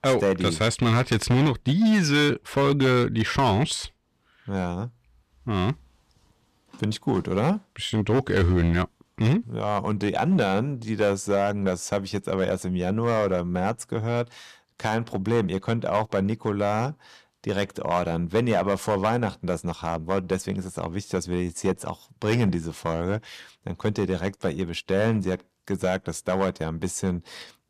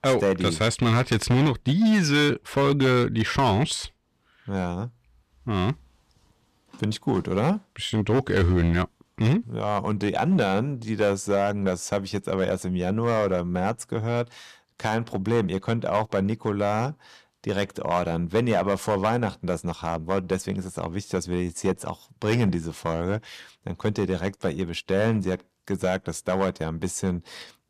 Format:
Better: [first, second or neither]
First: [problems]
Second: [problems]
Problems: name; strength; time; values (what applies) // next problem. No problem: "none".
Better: neither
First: distortion; slight; 5% of the sound clipped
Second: distortion; slight; 5% of the sound clipped